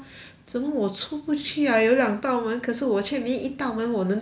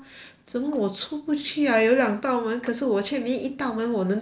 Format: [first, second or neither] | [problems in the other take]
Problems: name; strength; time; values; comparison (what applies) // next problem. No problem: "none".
first | noise reduction (neural separator model SepFormer DNS4)